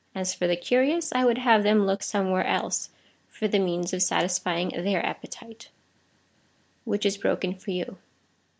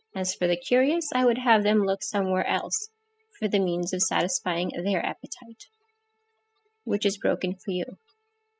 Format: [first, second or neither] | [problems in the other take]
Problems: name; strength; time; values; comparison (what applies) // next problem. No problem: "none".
first | noise reduction (classical method spectral subtraction)